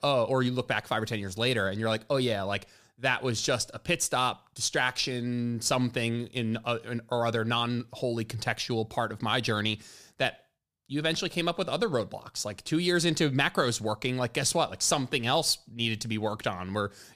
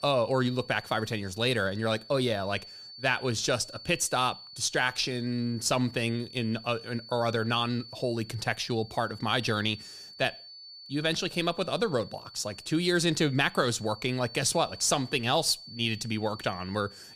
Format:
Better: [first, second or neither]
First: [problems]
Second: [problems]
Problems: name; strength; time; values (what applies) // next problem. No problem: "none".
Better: first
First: none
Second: high-pitched whine; noticeable; throughout; 4.5 kHz, 15 dB below the speech